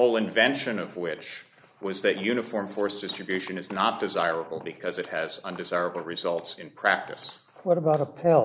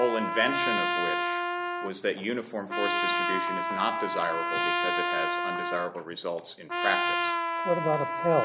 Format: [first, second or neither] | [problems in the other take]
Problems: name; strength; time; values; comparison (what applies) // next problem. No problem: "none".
first | background sound (Trumpet); 2 dB above the speech